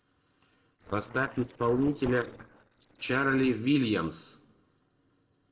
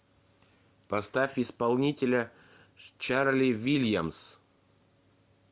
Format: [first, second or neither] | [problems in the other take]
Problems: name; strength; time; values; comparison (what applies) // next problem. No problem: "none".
second | noise reduction (neural separator model SepFormer DNS4)